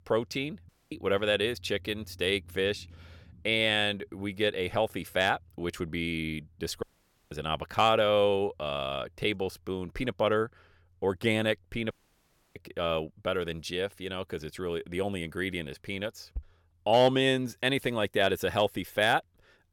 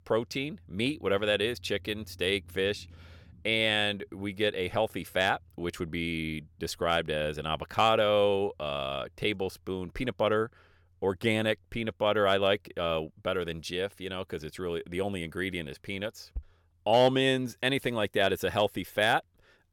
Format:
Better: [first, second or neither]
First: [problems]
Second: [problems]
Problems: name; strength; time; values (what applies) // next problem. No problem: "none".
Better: second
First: audio cutting out; at 0.5 s, at 7 s and at 12 s for 0.5 s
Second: none